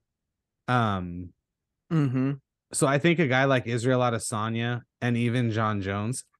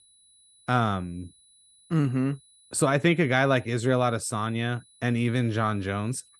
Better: first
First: none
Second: high-pitched whine; faint; throughout; 10 kHz, 30 dB below the speech

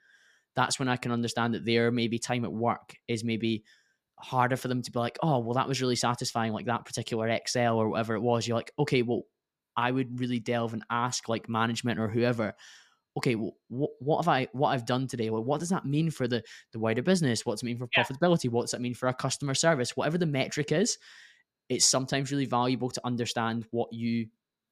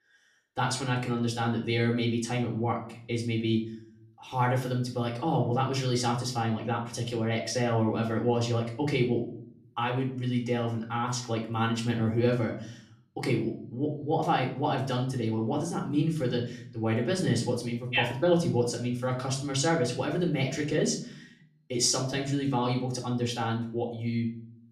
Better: first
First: none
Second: room echo; slight; dies away in 0.5 s // off-mic speech; far

